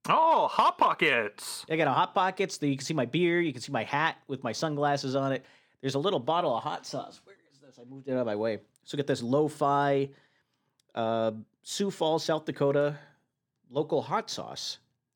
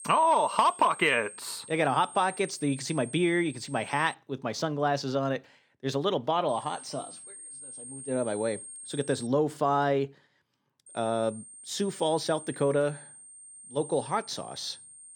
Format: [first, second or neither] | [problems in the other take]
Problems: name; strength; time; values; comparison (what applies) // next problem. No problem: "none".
first | high-pitched whine; noticeable; until 4 s, from 6.5 to 9.5 s and from 11 s on; 8.5 kHz, 15 dB below the speech